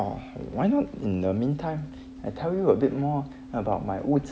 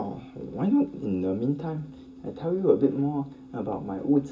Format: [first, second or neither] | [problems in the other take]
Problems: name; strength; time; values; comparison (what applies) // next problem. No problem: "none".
first | room echo; dies away in 0.2 s